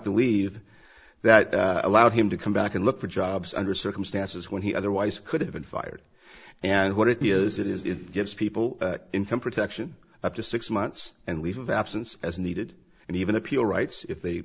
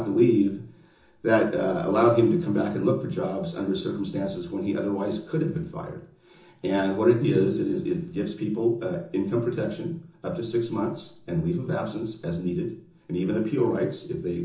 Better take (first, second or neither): first